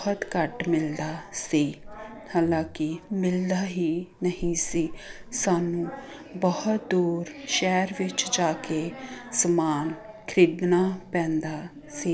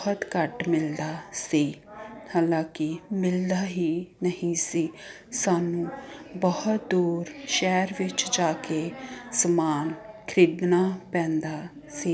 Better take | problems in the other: second | background sound (Dog + Brass instrument); 19 dB below the speech

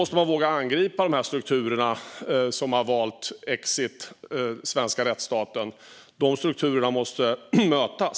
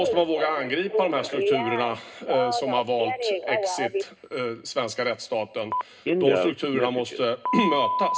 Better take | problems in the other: first | background sound (Telephone); 2 dB below the speech // room echo; dies away in 0.2 s

